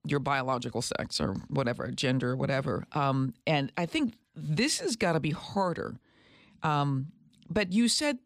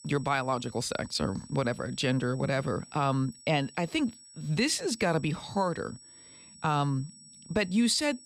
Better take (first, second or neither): first